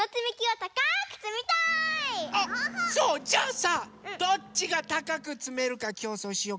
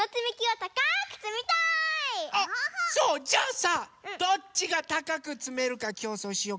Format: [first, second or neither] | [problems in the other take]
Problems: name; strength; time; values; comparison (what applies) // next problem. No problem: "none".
second | background sound (Hiss / Bus / Engine); 18 dB below the speech